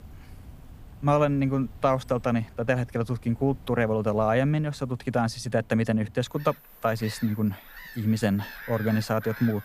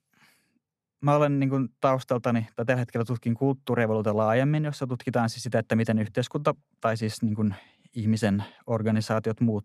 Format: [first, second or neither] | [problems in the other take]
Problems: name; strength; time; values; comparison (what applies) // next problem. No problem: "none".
second | animal sounds; noticeable; throughout; 20 dB below the speech